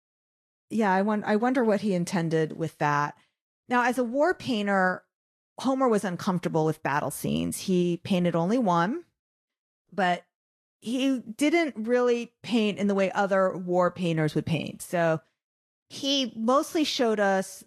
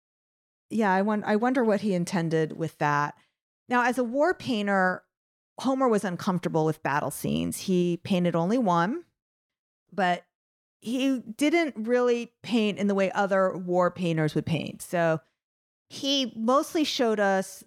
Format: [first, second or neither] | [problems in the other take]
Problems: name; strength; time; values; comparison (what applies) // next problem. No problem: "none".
second | garbled, watery; slightly; nothing above 12.5 kHz